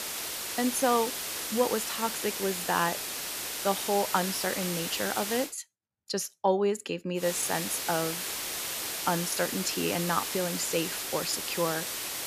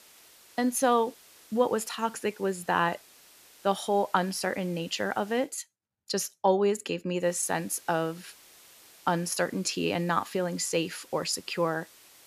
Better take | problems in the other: second | hiss; loud; until 5.5 s and from 7 s on; 2 dB below the speech; faint in the second

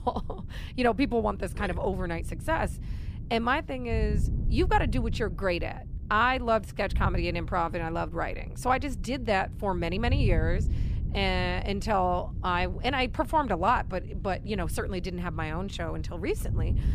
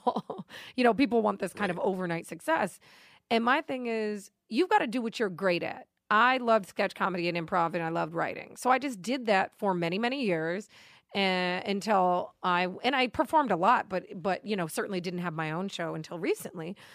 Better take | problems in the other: second | wind noise on the microphone; occasional gusts; 20 dB below the speech

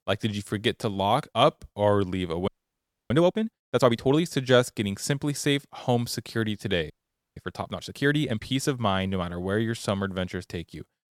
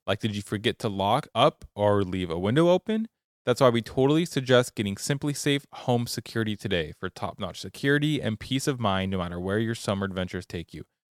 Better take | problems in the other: second | audio freezing; at 2.5 s for 0.5 s and at 7 s

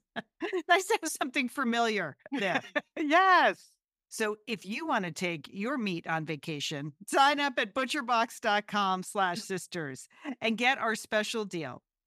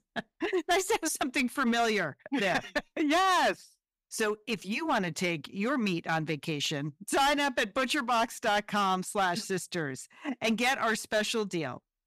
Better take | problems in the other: first | distortion; heavy; 7% of the sound clipped

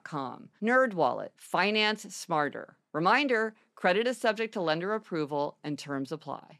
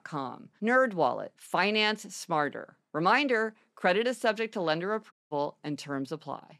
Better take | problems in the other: first | audio cutting out; at 5 s

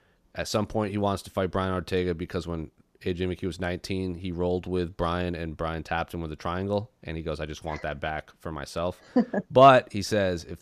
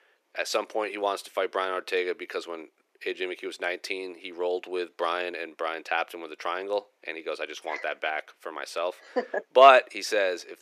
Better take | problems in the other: first | thin; very; fading below 350 Hz

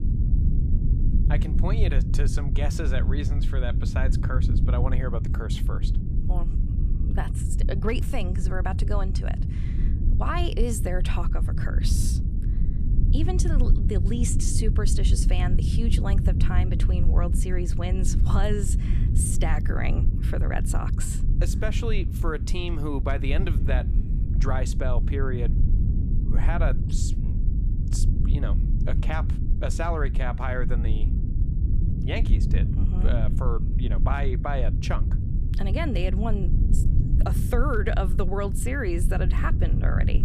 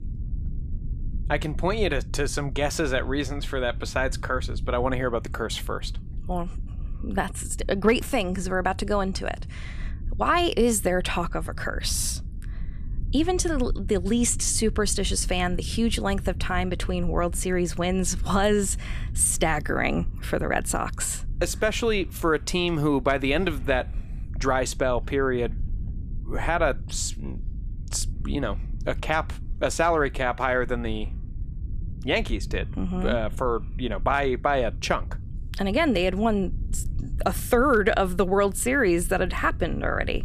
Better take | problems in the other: second | low rumble; loud; throughout; 7 dB below the speech; faint in the second

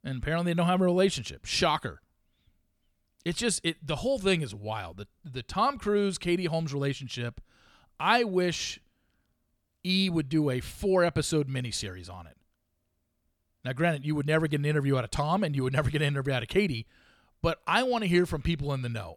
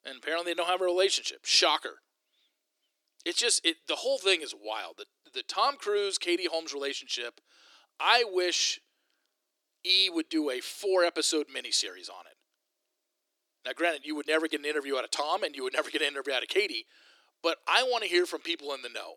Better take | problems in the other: first | thin; very; fading below 300 Hz

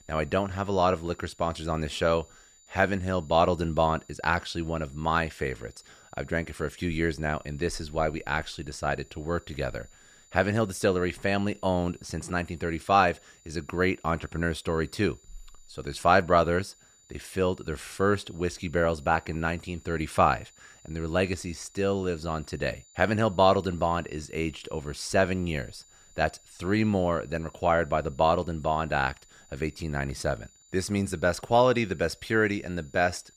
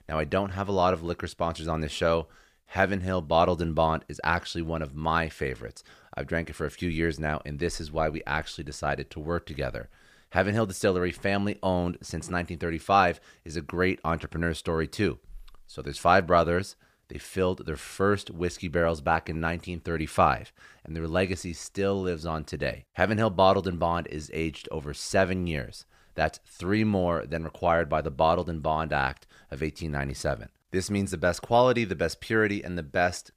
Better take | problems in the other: second | high-pitched whine; faint; throughout; 7 kHz, 30 dB below the speech

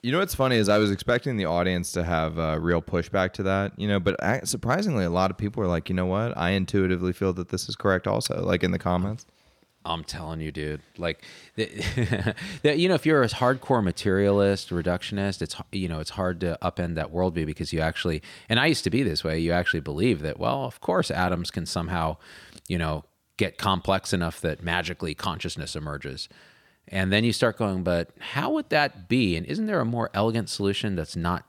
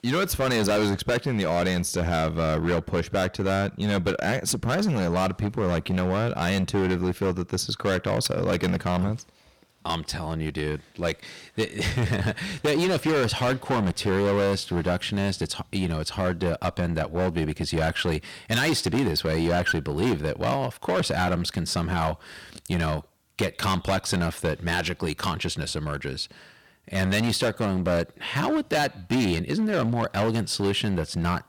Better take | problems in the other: first | distortion; heavy; 14% of the sound clipped

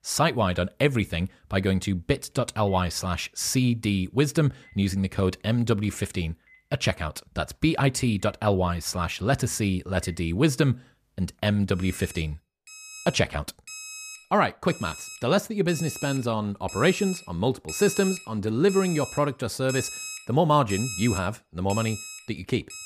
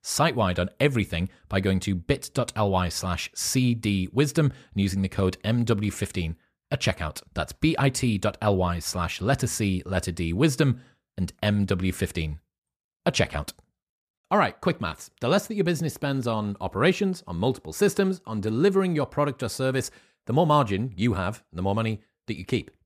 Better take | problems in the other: second | alarms or sirens; noticeable; throughout; 10 dB below the speech

